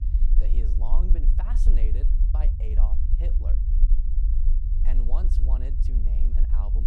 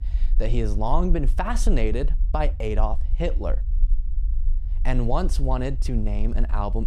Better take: second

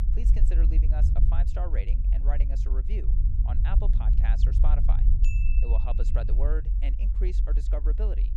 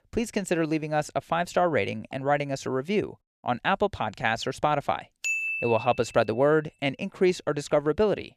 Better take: second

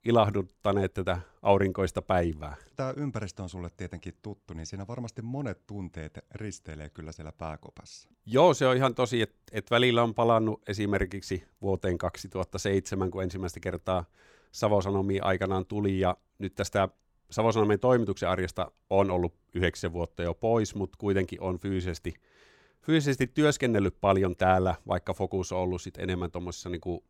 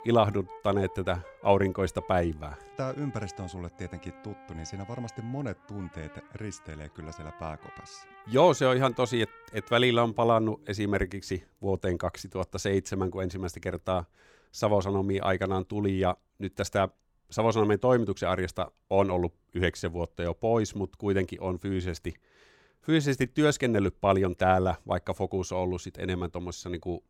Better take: first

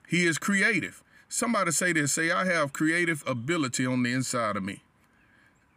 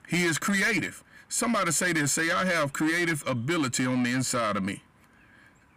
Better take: first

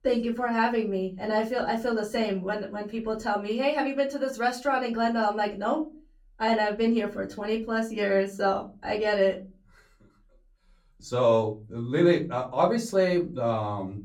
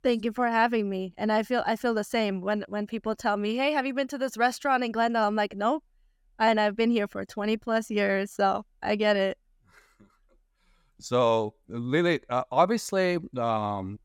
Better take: second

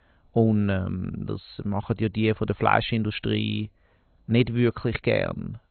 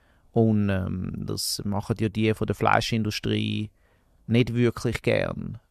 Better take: second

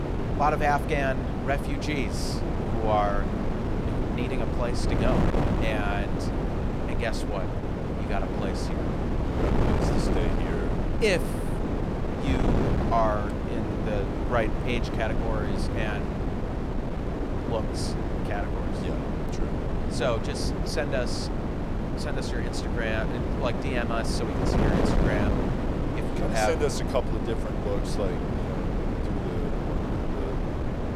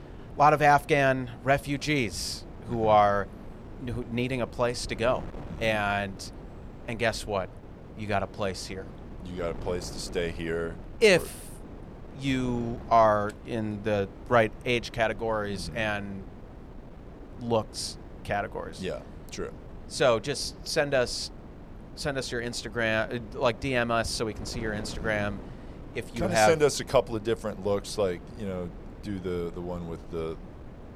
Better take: second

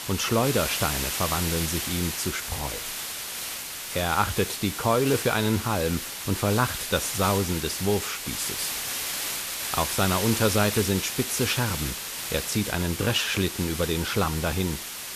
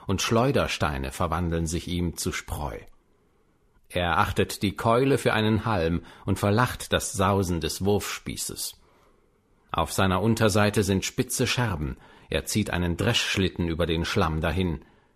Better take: second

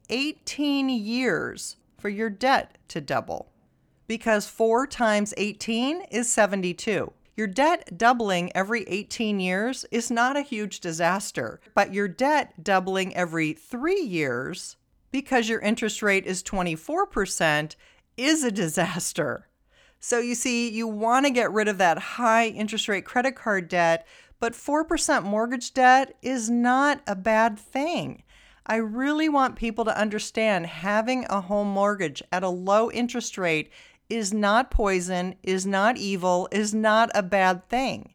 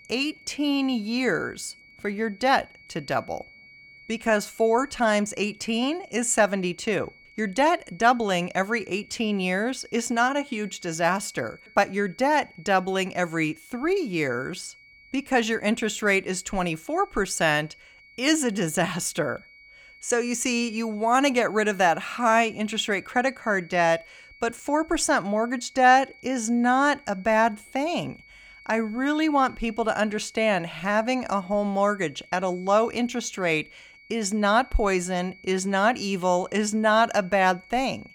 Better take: first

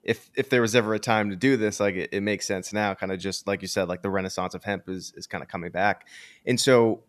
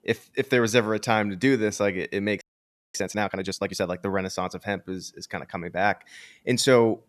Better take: first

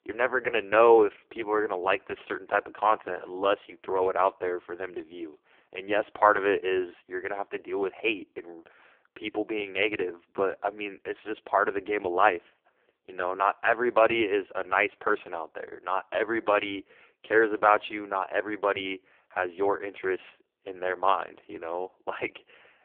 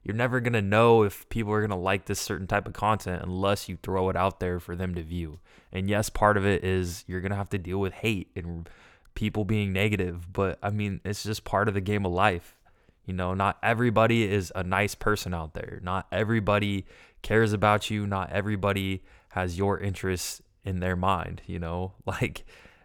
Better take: second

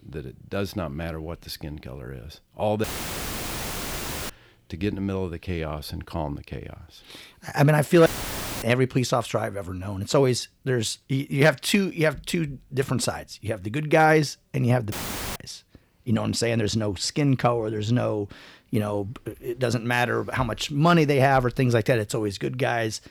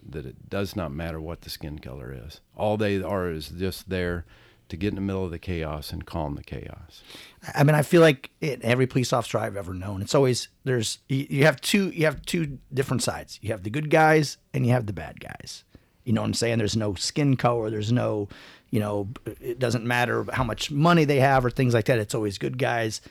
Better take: second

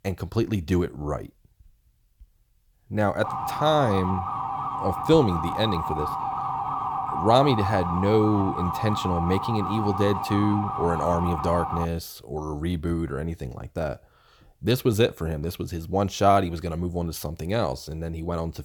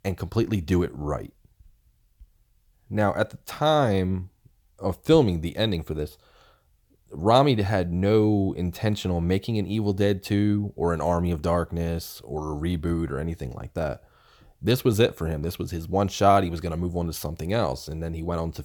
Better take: second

